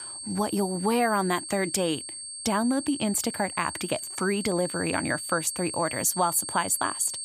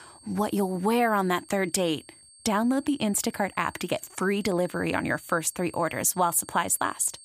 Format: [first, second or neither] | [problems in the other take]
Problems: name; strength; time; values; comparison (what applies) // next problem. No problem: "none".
second | high-pitched whine; loud; throughout; 8.5 kHz, 7 dB below the speech; faint in the second